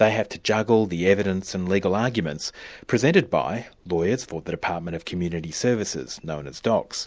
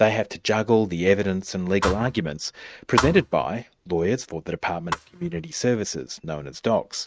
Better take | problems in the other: first | noise reduction (neural mask model RNNoise)

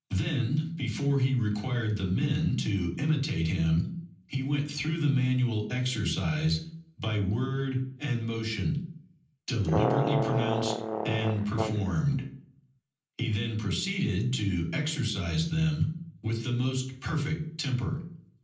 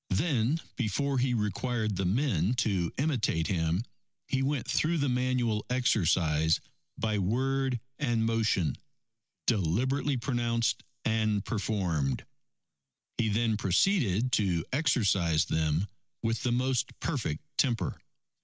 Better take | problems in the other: second | background sound (Brass instrument); 2 dB below the speech // room echo; dies away in 0.6 s

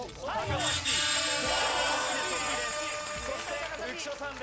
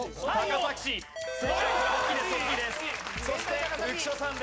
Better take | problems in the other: second | background sound (Screech); 2 dB above the speech

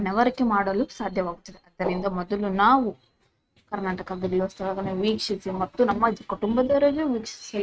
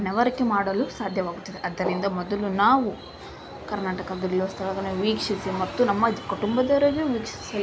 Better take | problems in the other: second | noise reduction (neural mask model RNNoise)

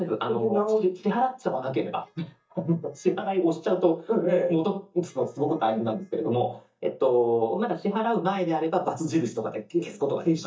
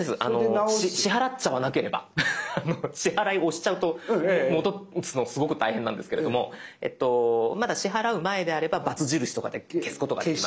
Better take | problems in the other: second | noise reduction (neural mask model DeepFilterNet 3)

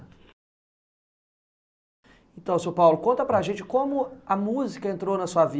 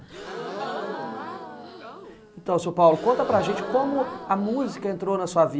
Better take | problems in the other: first | background sound (Crowd / Gasp); 10 dB below the speech

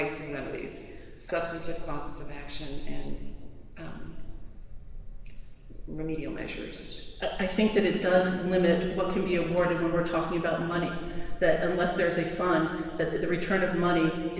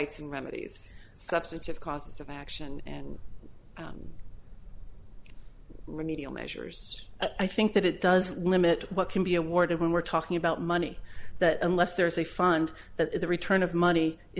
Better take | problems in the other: second | room echo; dies away in 1.6 s

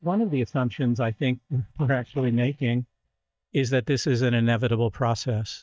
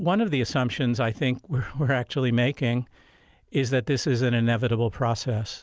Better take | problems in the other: second | noise reduction (neural mask model DeepFilterNet 3)

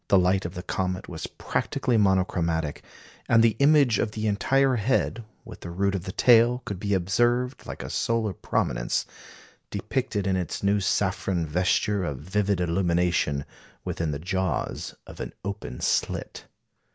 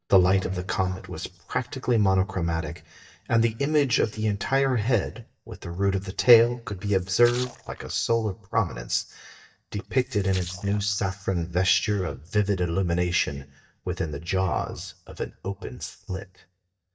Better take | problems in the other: first | noise reduction (neural mask model DeepFilterNet 3)

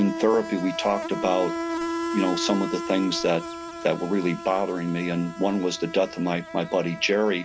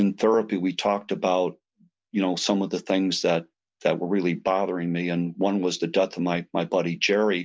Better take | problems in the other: second | background sound (Insect); 8 dB below the speech

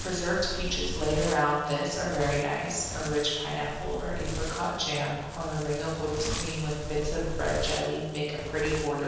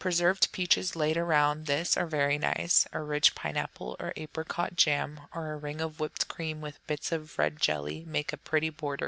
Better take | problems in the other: second | background sound (Wind); 6 dB below the speech // room echo; dies away in 1.2 s

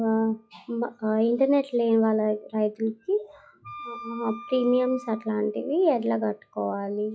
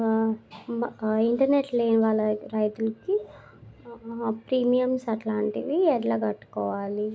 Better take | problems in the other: second | noise reduction (classical method log-MMSE)

